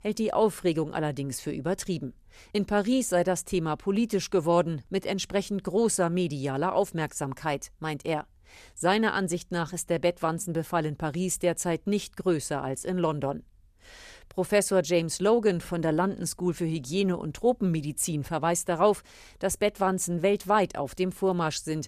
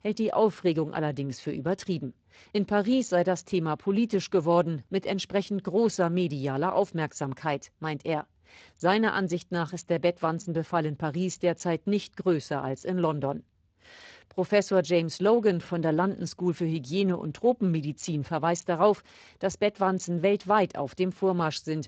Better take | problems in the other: first | garbled, watery; slightly; nothing above 7.5 kHz

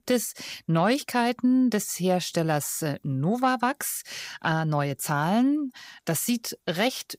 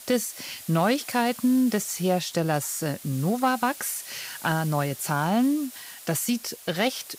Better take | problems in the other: first | hiss; noticeable; throughout; 15 dB below the speech

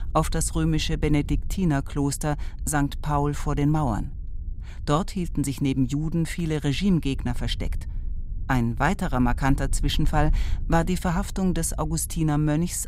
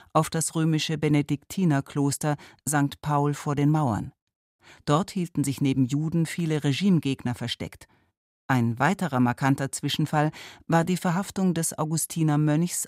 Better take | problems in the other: second | wind noise on the microphone; occasional gusts; 25 dB below the speech

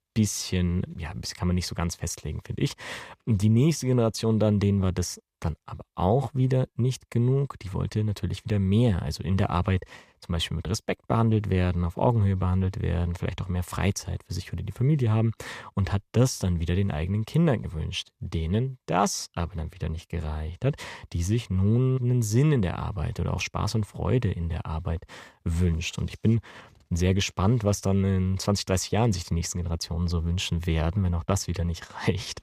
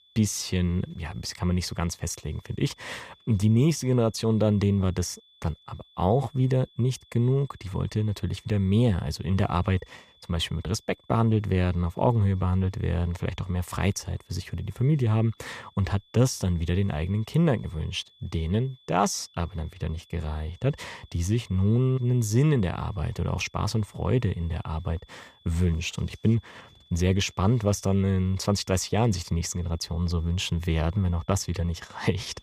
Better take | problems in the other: first | high-pitched whine; faint; throughout; 3.5 kHz, 30 dB below the speech

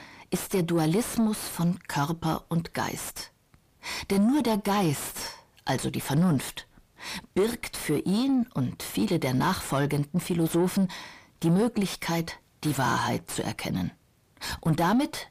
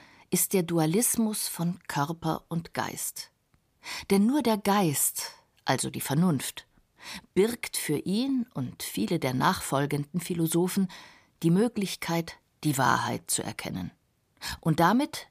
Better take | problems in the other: second | distortion; heavy; 7 dB below the speech

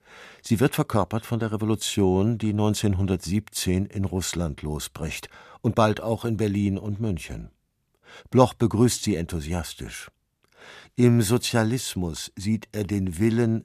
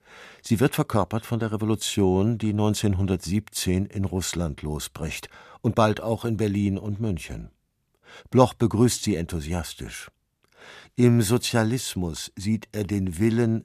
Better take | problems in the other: neither | none

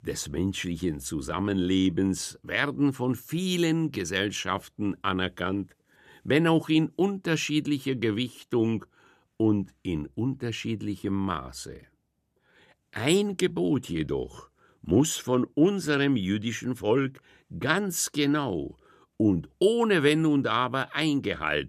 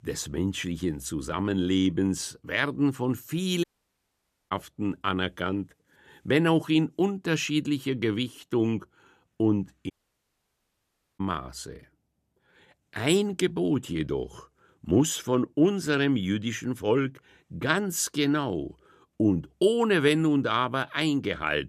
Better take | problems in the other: first | audio cutting out; at 3.5 s for 1 s and at 10 s for 1.5 s

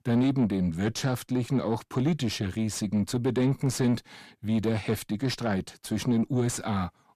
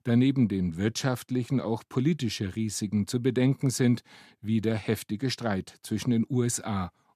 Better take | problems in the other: second | distortion; slight; 10 dB below the speech

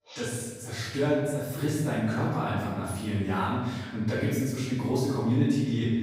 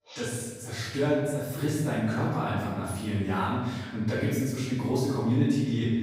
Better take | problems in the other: neither | off-mic speech; far; the same in both // room echo; strong; dies away in 1.2 s; the same in both

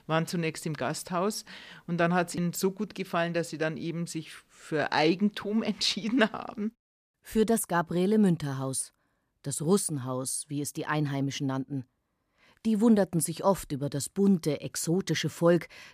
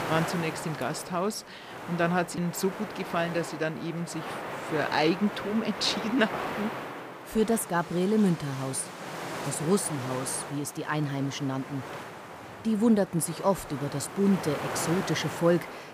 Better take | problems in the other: first | wind noise on the microphone; heavy; 6 dB below the speech

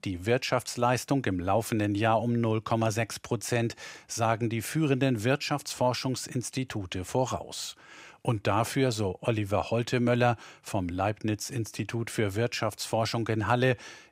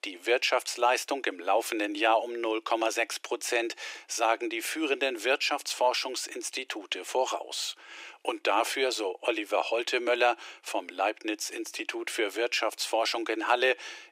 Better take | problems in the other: first | thin; very; fading below 350 Hz

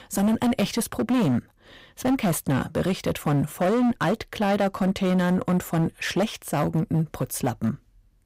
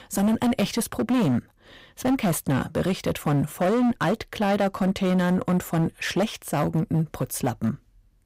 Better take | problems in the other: neither | distortion; slight; 15% of the sound clipped; the same in both

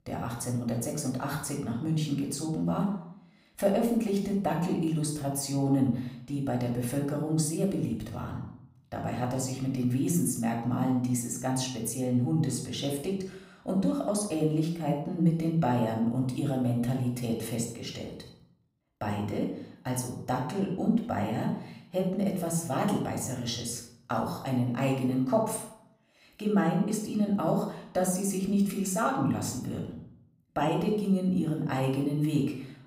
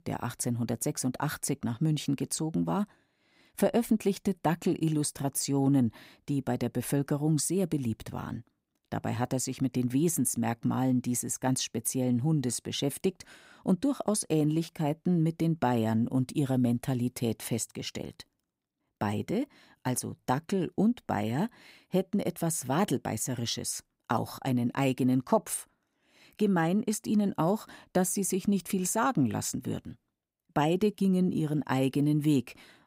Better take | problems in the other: second | off-mic speech; somewhat distant // room echo; noticeable; dies away in 0.6 s

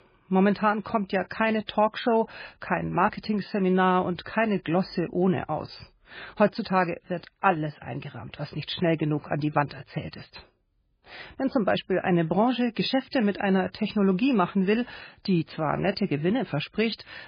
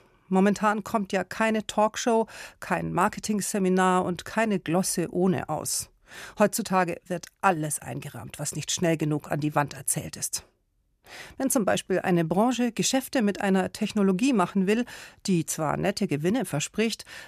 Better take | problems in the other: second | garbled, watery; badly; nothing above 5 kHz

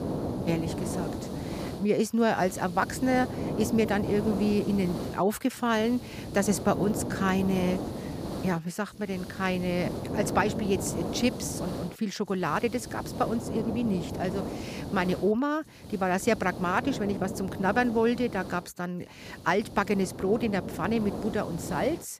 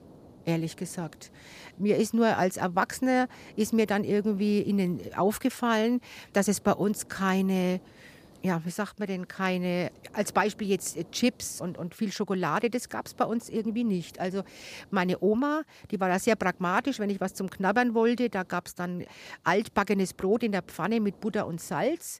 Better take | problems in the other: second | hiss; loud; throughout; 7 dB below the speech; faint in the second

